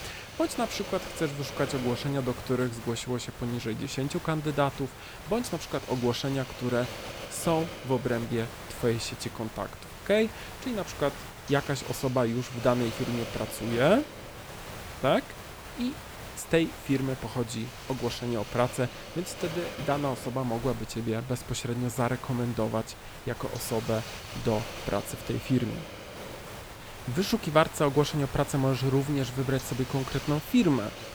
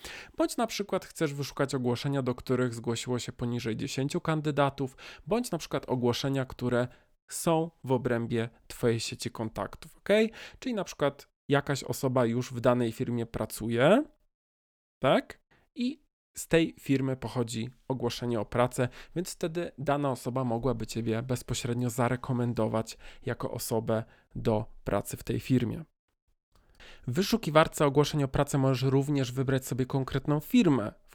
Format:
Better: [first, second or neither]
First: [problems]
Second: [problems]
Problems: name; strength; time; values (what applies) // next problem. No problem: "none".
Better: second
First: hiss; noticeable; throughout; 10 dB below the speech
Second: none